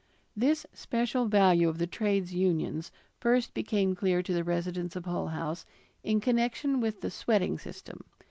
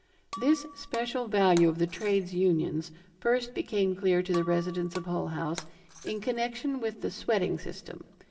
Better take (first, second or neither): first